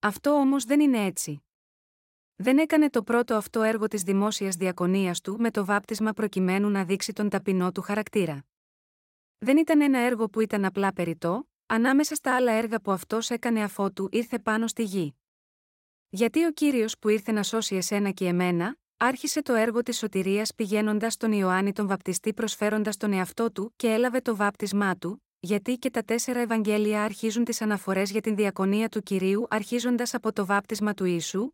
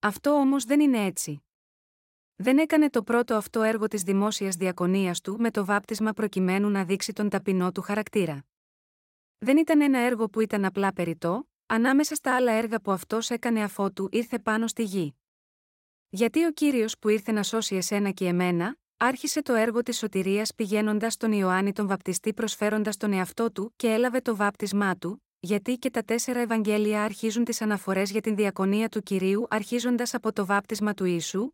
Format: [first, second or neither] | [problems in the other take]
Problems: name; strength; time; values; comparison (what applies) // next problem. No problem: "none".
neither | none